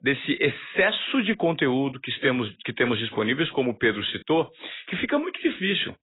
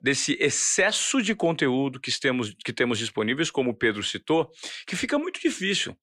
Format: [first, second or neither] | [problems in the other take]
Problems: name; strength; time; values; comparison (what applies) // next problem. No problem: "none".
second | garbled, watery; badly; nothing above 4 kHz